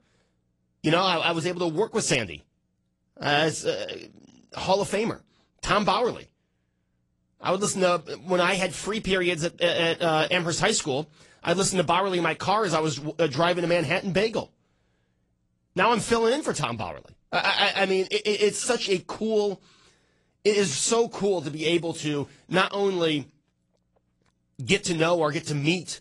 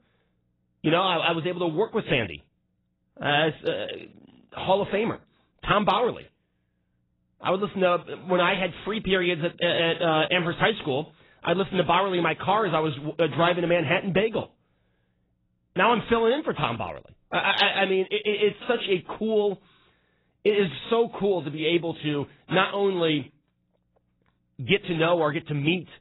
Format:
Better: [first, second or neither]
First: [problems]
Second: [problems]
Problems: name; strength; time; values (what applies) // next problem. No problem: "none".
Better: first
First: garbled, watery; slightly; nothing above 10 kHz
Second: garbled, watery; badly; nothing above 4 kHz